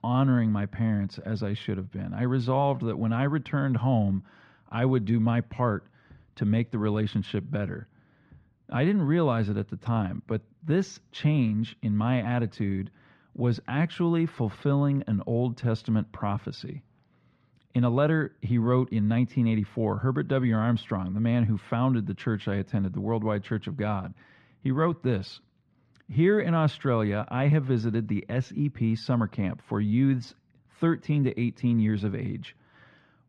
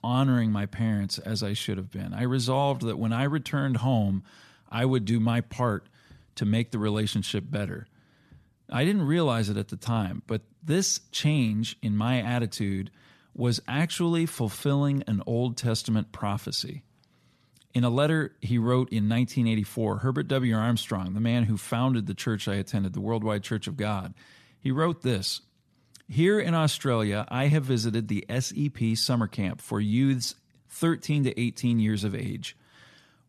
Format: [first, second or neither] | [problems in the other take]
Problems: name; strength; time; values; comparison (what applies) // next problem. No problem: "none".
second | muffled; very; fading above 2 kHz